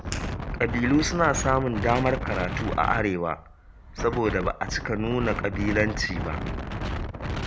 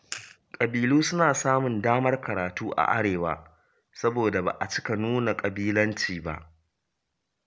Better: second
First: background sound (Wind); 5 dB below the speech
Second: none

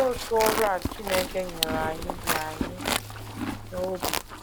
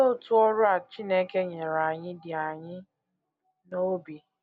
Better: second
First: background sound (Livestock, farm animals, working animals); 1 dB below the speech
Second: none

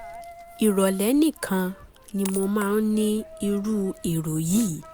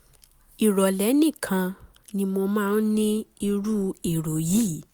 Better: second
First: background sound (Coin (dropping)); 18 dB below the speech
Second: none

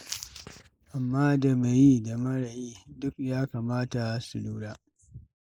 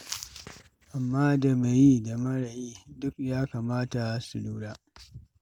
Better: second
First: noise reduction (neural mask model Resemble Enhance denoiser)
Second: none

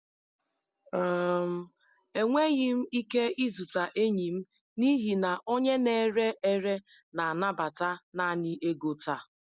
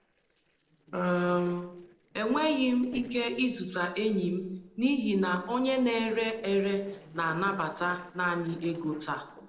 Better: first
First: none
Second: noise reduction (neural separator model SepFormer DNS4)

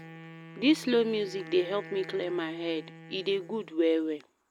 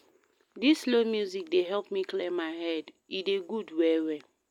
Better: second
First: background sound (Wind instrument, woodwind instrument); 17 dB below the speech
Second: none

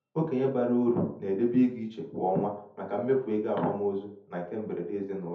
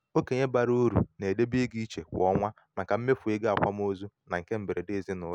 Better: second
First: room echo; dies away in 0.5 s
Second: none

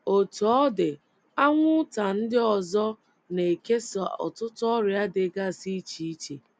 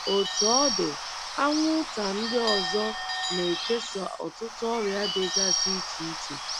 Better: first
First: none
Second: background sound (Bird / Bell); 1 dB below the speech

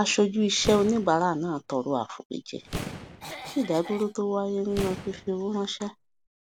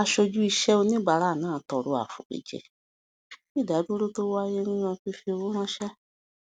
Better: second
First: background sound (Cough + Boom); 12 dB below the speech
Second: none

